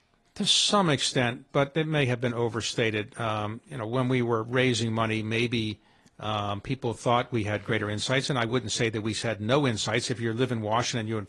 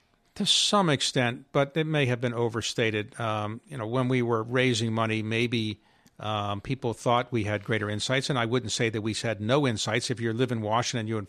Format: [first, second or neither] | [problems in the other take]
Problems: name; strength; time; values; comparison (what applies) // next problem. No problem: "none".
second | garbled, watery; slightly